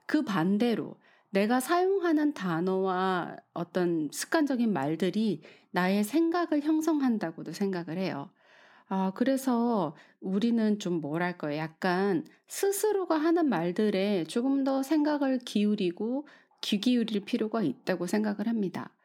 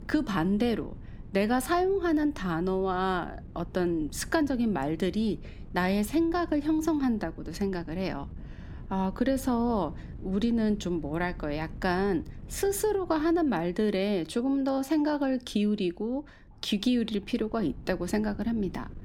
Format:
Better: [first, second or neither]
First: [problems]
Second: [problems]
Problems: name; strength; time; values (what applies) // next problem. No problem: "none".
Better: first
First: none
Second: wind noise on the microphone; occasional gusts; 25 dB below the speech